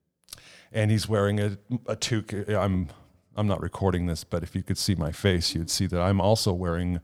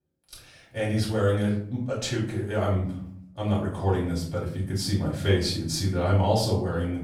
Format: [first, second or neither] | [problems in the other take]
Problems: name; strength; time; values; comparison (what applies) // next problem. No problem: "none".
first | off-mic speech; far // room echo; slight; dies away in 0.5 s